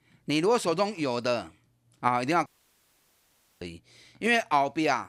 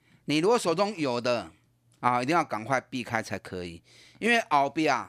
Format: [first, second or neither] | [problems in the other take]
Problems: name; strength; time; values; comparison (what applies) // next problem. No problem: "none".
second | audio cutting out; at 2.5 s for 1 s